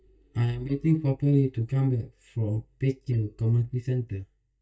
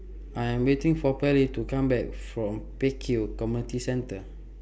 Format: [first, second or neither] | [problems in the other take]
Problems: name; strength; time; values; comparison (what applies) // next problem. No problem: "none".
second | noise reduction (neural mask model DeepFilterNet 3)